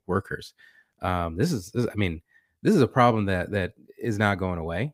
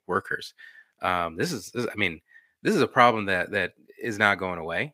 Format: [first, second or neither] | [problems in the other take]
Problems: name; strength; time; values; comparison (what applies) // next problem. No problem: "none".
first | thin; somewhat; fading below 800 Hz